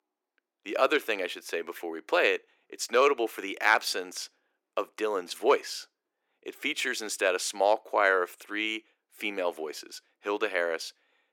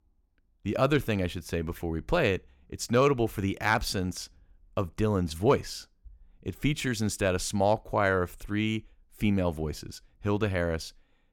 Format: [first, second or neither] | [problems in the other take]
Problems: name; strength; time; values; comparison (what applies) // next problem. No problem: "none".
second | thin; very; fading below 350 Hz